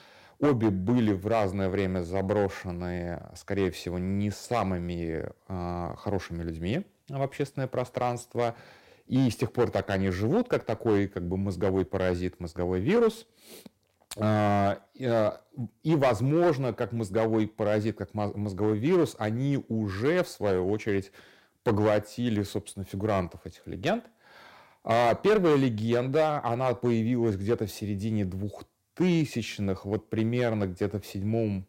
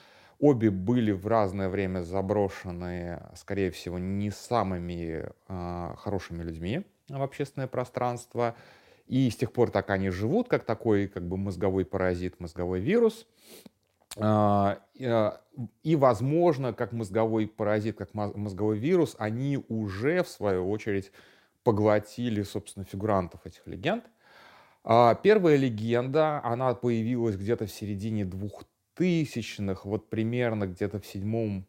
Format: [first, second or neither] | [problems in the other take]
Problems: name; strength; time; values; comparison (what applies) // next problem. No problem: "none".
second | distortion; slight; 4% of the sound clipped